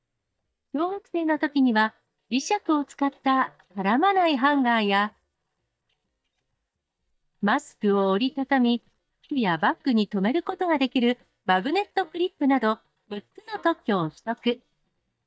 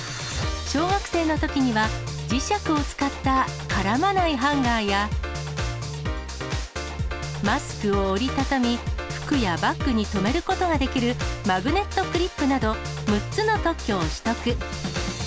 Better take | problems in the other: second | noise reduction (neural mask model DeepFilterNet 3)

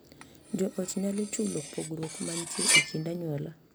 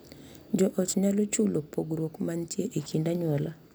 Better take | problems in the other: second | background sound (Cutlery, silverware); 1 dB above the speech

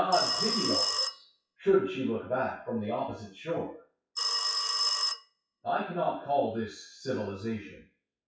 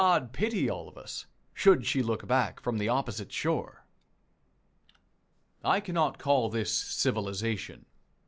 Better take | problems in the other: second | noise reduction (classical method WPE with log-MMSE)

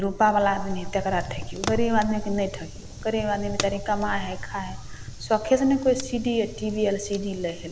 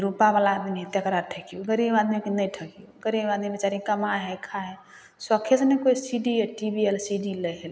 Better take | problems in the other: second | background sound (Fire); 7 dB below the speech

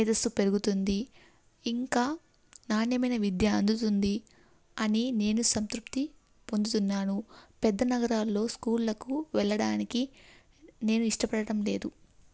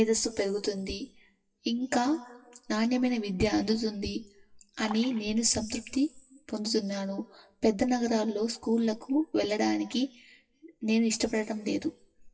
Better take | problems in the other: first | noise reduction (classical method WPE with log-MMSE)

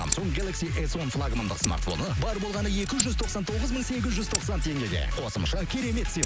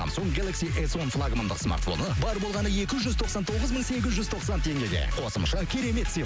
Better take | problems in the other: second | background sound (Scissors); 10 dB below the speech

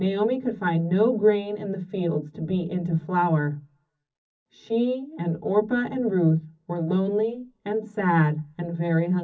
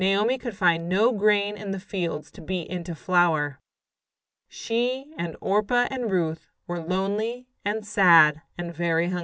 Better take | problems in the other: second | room echo; dies away in 0.4 s

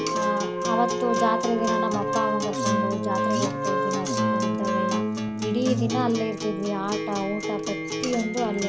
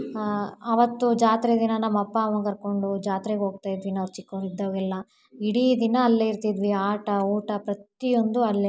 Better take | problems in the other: second | background sound (Organ + Acoustic guitar); 2 dB above the speech

